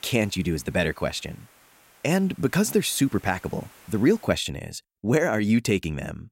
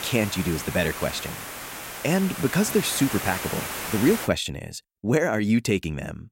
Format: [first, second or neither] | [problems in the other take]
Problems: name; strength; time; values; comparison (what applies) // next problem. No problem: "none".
first | hiss; loud; until 4.5 s; 7 dB below the speech; faint in the first